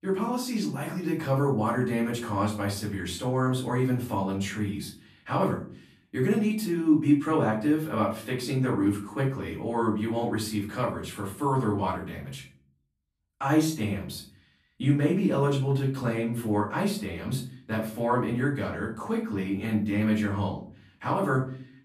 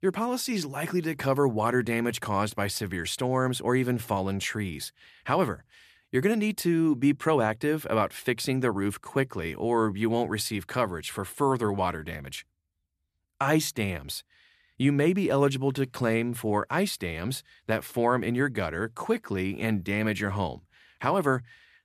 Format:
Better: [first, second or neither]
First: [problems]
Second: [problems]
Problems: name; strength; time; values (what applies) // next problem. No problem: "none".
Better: second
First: room echo; slight; dies away in 0.4 s // off-mic speech; far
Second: none